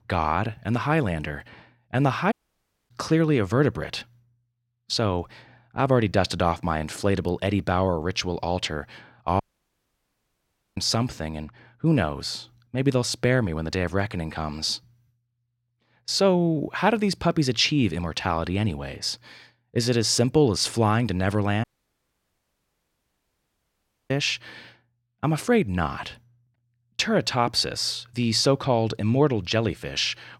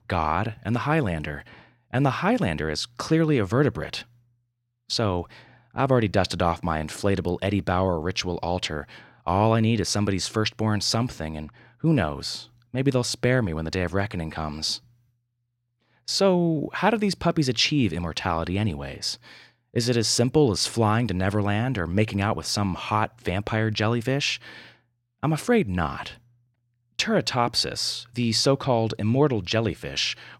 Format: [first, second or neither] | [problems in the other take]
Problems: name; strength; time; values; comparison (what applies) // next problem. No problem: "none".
second | audio cutting out; at 2.5 s for 0.5 s, at 9.5 s for 1.5 s and at 22 s for 2.5 s